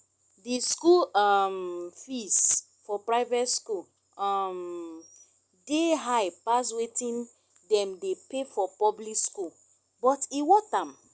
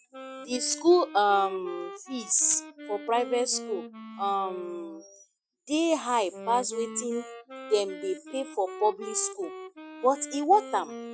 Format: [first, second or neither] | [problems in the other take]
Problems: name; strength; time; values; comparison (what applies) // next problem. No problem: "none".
first | noise reduction (classical method Wiener filter)